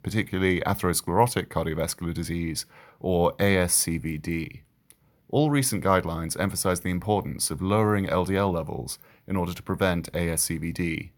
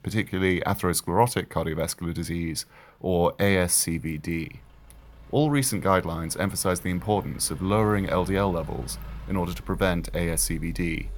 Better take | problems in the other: first | traffic noise; noticeable; throughout; 20 dB below the speech

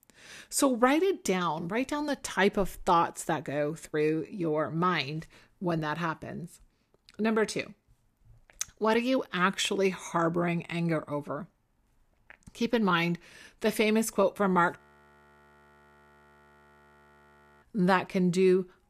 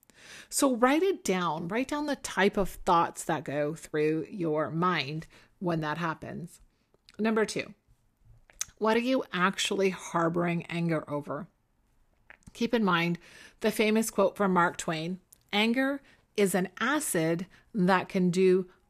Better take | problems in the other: second | audio freezing; at 15 s for 3 s

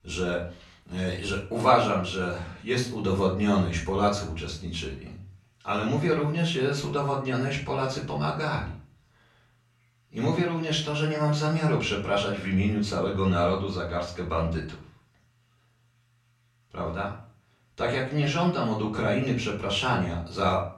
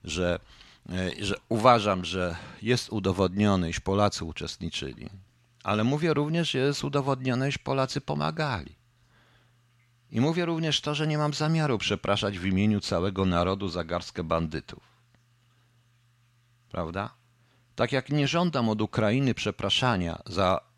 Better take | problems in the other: second | off-mic speech; far // room echo; slight; dies away in 0.4 s

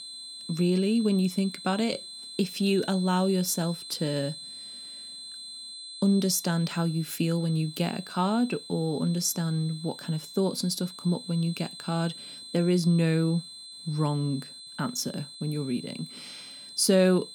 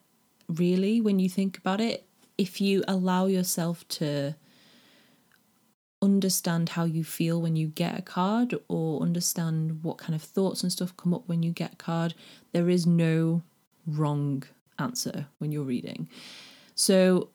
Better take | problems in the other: second | high-pitched whine; noticeable; throughout; 4 kHz, 15 dB below the speech

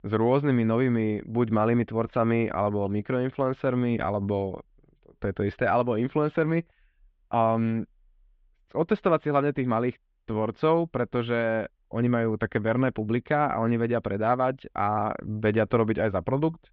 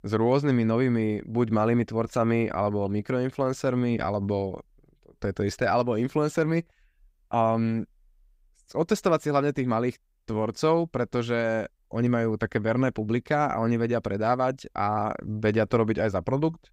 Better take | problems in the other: second | muffled; very; fading above 3.5 kHz

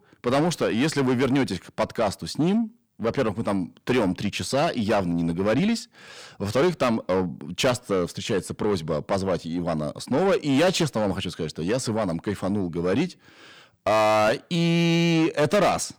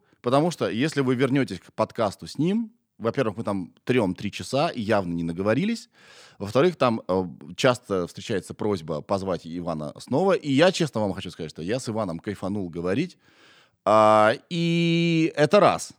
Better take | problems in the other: second | distortion; heavy; 7 dB below the speech

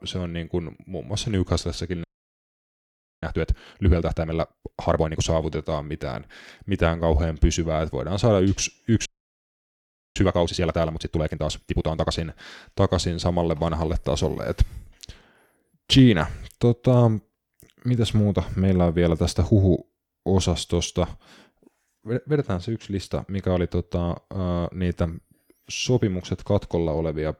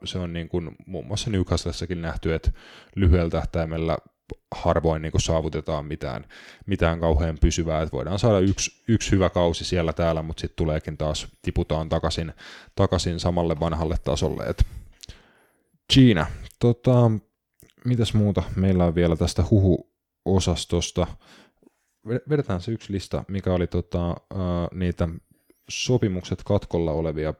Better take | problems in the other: second | audio freezing; at 2 s for 1 s and at 9 s for 1 s

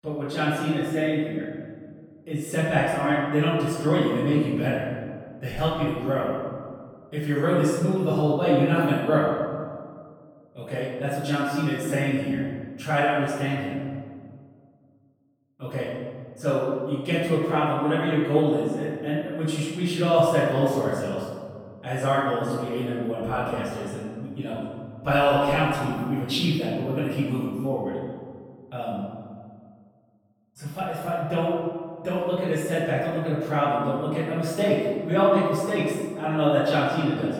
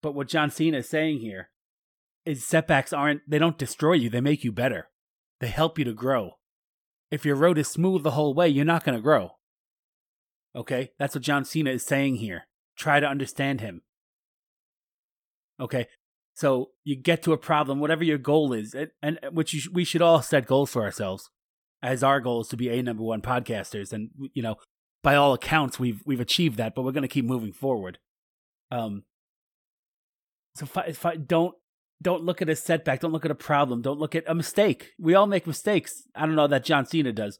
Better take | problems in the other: second | room echo; strong; dies away in 1.6 s // off-mic speech; far

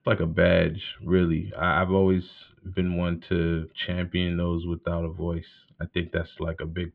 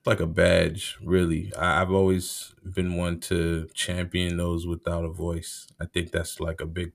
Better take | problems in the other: second | muffled; very; fading above 3 kHz

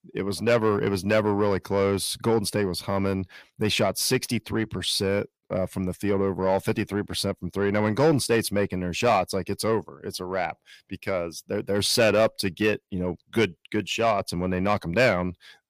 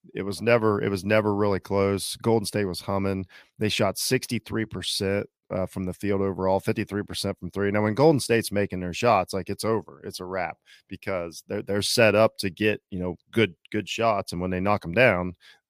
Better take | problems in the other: second | distortion; slight; 10 dB below the speech

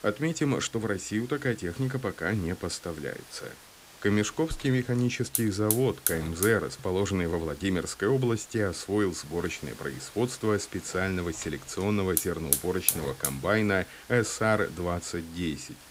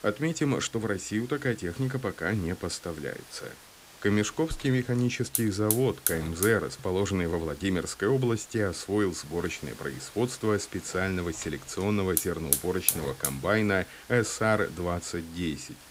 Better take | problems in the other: neither | hiss; loud; throughout; 1 dB below the speech; the same in both

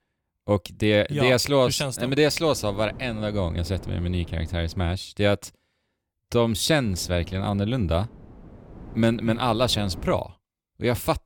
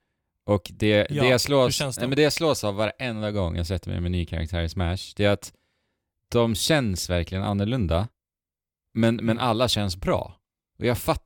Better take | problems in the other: second | wind noise on the microphone; occasional gusts; from 2 to 5 s and from 7 to 10 s; 25 dB below the speech

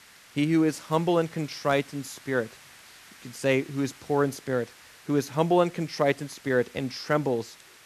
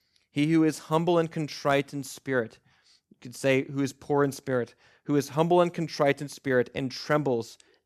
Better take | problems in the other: second | hiss; faint; throughout; 20 dB below the speech

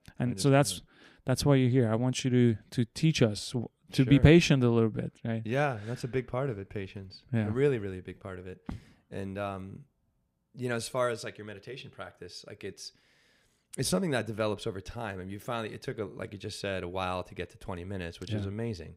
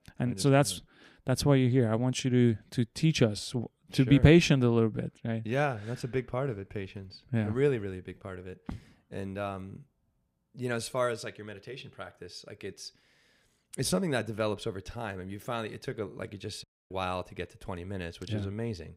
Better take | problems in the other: first | audio cutting out; at 17 s

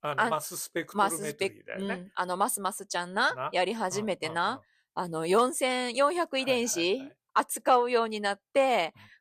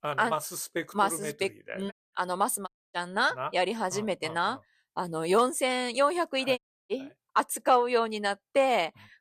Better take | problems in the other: first | audio cutting out; at 2 s, at 2.5 s and at 6.5 s

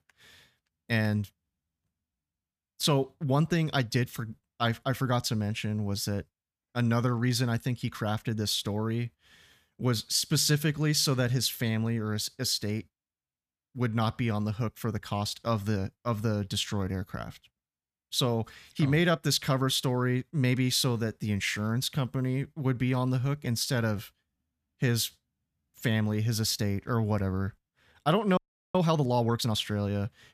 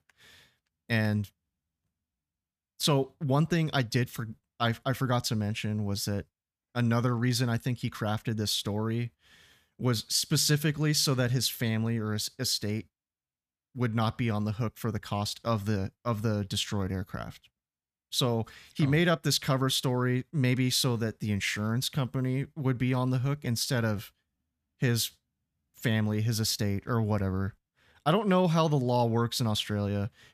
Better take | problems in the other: second | audio freezing; at 28 s

